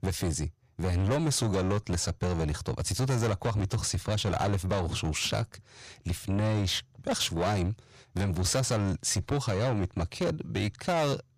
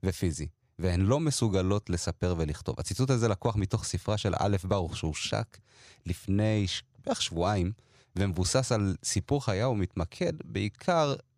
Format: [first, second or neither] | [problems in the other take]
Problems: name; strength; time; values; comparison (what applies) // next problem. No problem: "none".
second | distortion; heavy; 7 dB below the speech